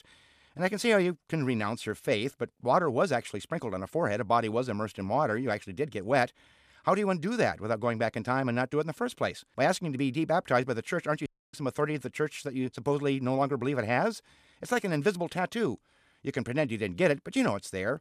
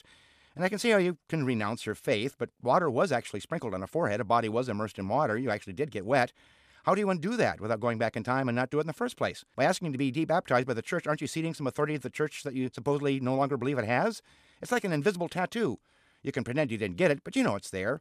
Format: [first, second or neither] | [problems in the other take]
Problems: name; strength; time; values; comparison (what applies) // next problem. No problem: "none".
second | audio cutting out; at 11 s